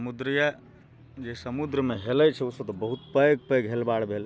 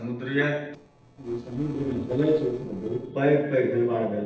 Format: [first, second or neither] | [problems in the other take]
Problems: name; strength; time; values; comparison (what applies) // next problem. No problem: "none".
first | noise reduction (neural separator model SepFormer DNS4)